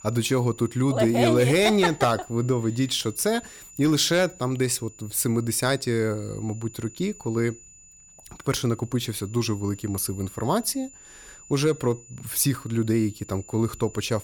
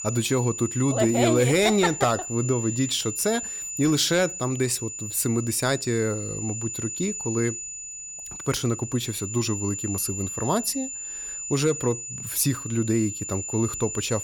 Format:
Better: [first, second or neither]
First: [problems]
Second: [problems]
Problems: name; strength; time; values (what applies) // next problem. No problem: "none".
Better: first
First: high-pitched whine; faint; throughout; 7 kHz, 20 dB below the speech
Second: high-pitched whine; loud; throughout; 7 kHz, 6 dB below the speech